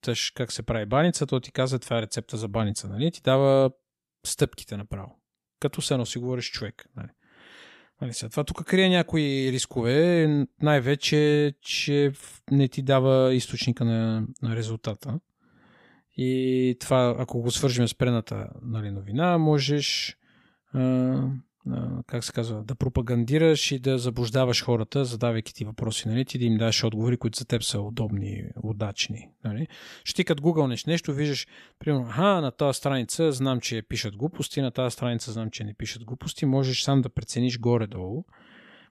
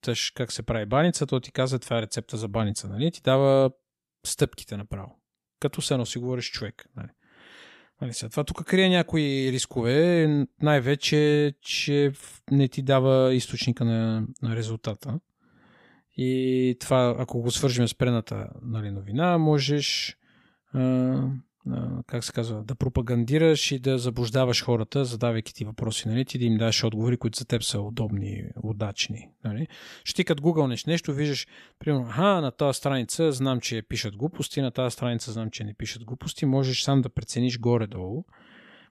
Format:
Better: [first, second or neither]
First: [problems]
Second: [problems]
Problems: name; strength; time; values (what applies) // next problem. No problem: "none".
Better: neither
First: none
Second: none